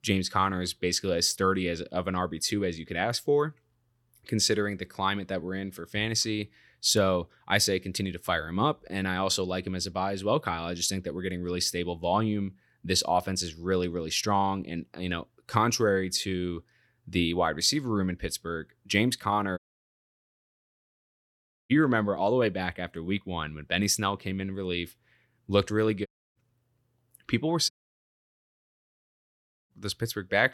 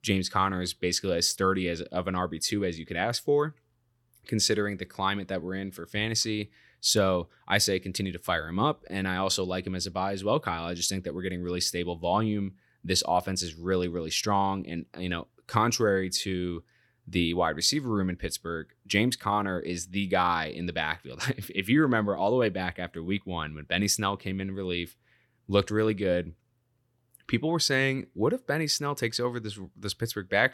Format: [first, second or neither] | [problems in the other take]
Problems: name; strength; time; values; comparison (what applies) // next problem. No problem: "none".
second | audio cutting out; at 20 s for 2 s, at 26 s and at 28 s for 2 s